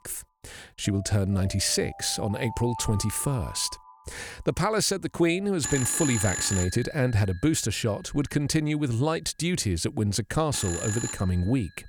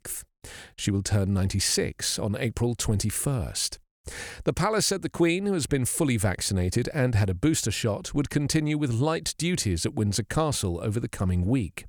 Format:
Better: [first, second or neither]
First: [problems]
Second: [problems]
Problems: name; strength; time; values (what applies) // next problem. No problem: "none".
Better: second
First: alarms or sirens; loud; throughout; 8 dB below the speech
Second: none